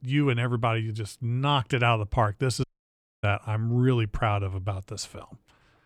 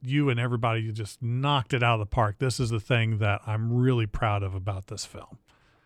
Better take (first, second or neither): second